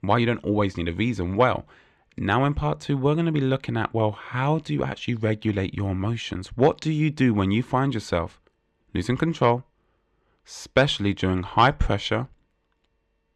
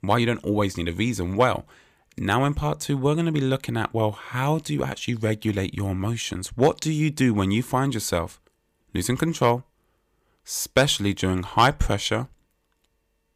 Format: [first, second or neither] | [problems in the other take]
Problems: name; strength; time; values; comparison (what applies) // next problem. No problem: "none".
second | muffled; slightly; fading above 3.5 kHz